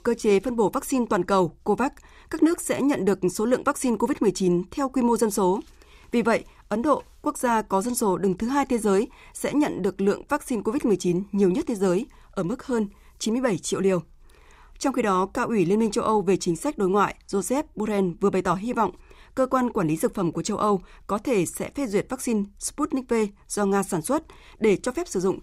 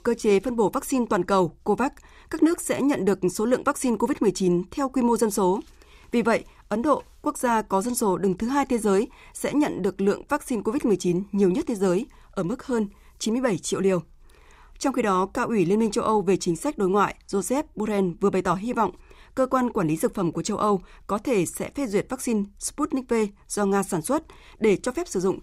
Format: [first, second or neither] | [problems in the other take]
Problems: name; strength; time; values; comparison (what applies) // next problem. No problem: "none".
neither | none